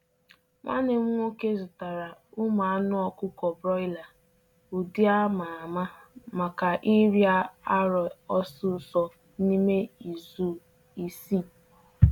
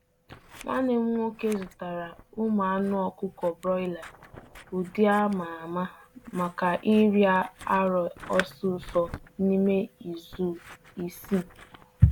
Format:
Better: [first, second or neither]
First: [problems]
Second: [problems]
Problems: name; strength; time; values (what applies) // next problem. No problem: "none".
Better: first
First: none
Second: background sound (Scissors); 19 dB below the speech